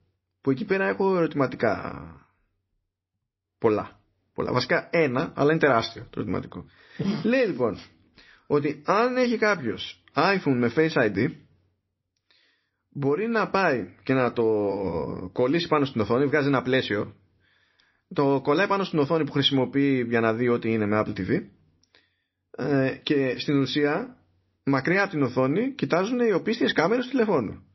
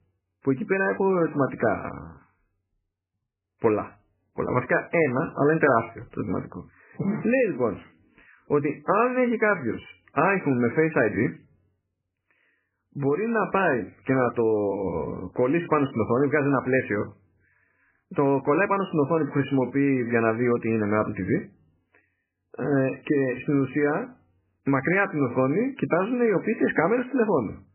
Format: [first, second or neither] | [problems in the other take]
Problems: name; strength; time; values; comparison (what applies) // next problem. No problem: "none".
first | garbled, watery; badly; nothing above 2.5 kHz; slightly in the first